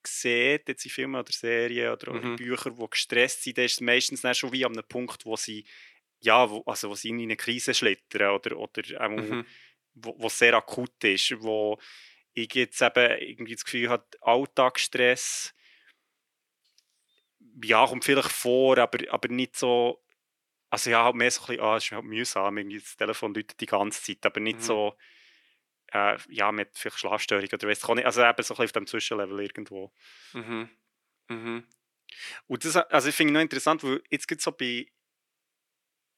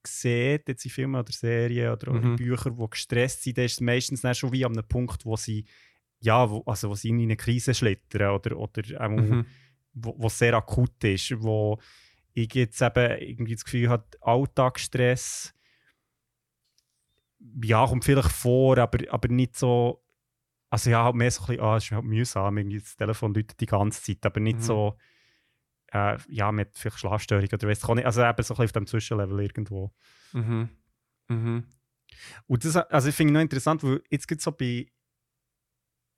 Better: second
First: thin; somewhat; fading below 300 Hz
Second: none

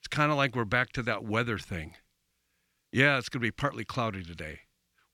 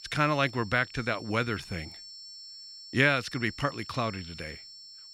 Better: first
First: none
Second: high-pitched whine; noticeable; throughout; 5.5 kHz, 15 dB below the speech

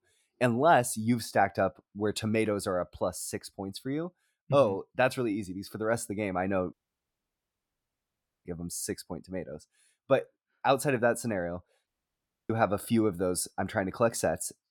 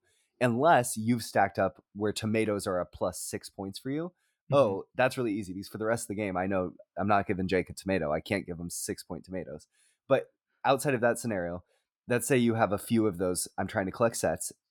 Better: second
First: audio cutting out; at 6.5 s for 1.5 s and at 12 s for 0.5 s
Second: none

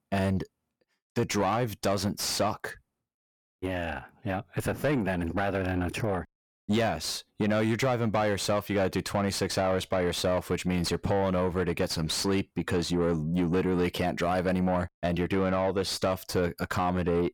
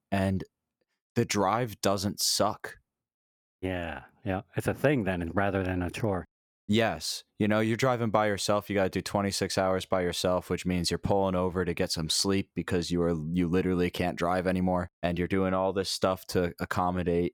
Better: second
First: distortion; slight; 10 dB below the speech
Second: none

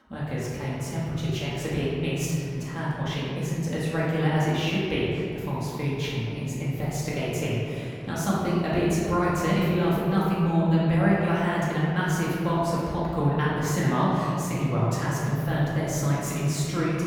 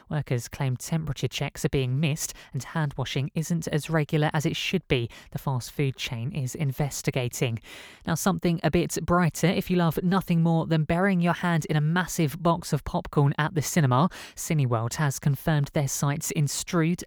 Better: second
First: room echo; strong; dies away in 2.5 s // off-mic speech; far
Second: none

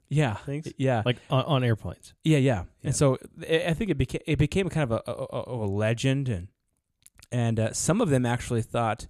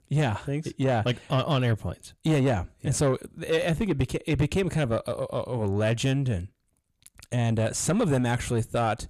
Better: first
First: none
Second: distortion; slight; 10 dB below the speech

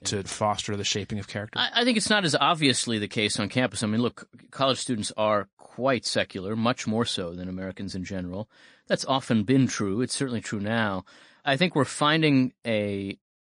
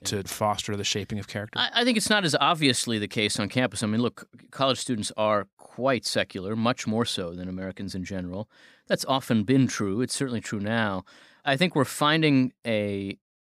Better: second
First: garbled, watery; slightly; nothing above 8 kHz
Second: none

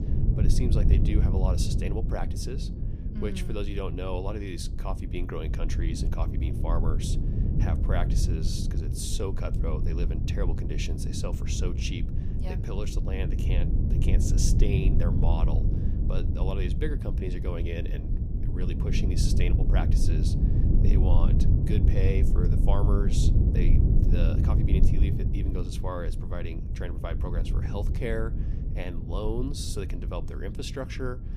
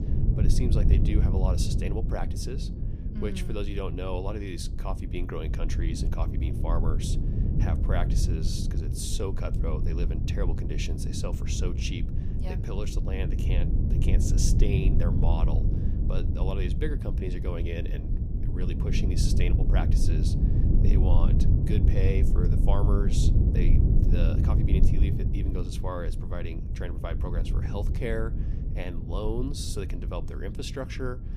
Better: neither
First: low rumble; loud; throughout; 3 dB below the speech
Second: low rumble; loud; throughout; 3 dB below the speech

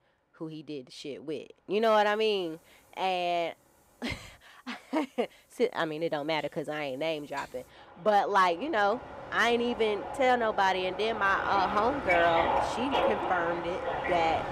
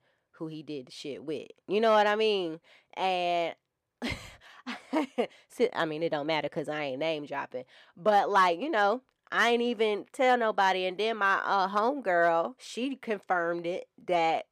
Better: second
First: train or aircraft noise; loud; throughout; 4 dB below the speech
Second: none

